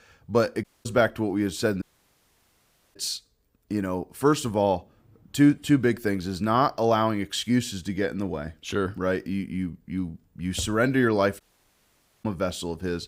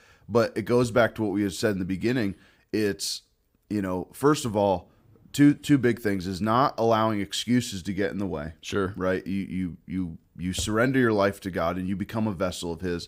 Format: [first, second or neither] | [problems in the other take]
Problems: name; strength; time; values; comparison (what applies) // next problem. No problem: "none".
second | audio cutting out; at 0.5 s, at 2 s for 1 s and at 11 s for 1 s